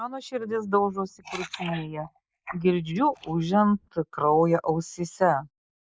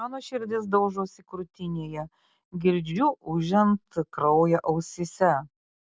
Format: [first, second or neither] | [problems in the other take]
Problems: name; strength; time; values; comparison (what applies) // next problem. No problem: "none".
second | noise reduction (neural mask model Resemble Enhance denoiser)